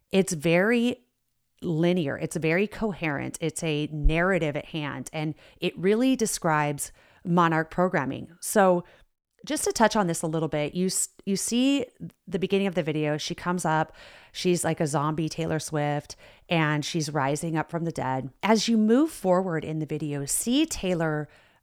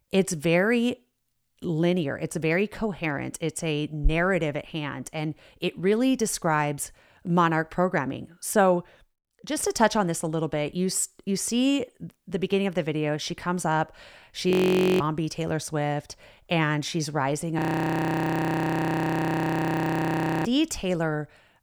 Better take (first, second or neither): first